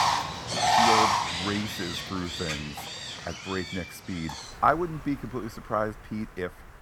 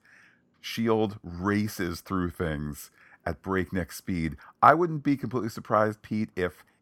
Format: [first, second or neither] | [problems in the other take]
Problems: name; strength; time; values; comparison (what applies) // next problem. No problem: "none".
second | animal sounds; very loud; throughout; 4 dB above the speech